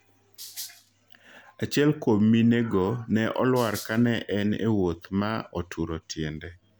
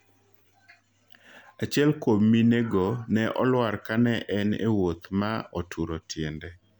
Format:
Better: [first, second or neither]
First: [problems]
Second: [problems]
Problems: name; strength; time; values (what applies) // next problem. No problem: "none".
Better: second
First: background sound (Rattle (instrument)); 16 dB below the speech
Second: none